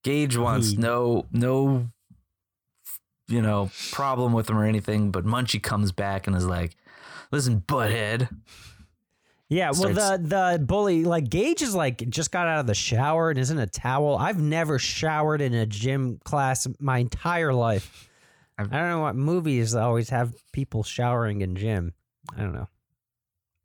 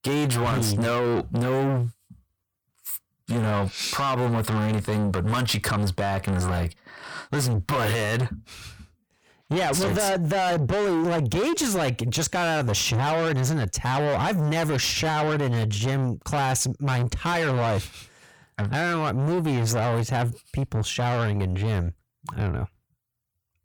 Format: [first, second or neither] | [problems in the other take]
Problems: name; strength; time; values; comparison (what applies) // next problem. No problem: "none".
first | distortion; heavy; 7 dB below the speech